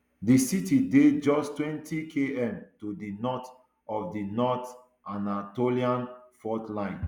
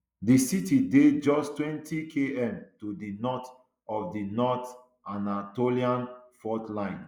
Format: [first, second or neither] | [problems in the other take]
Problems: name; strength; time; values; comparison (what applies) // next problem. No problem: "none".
first | noise reduction (neural mask model Resemble Enhance denoiser)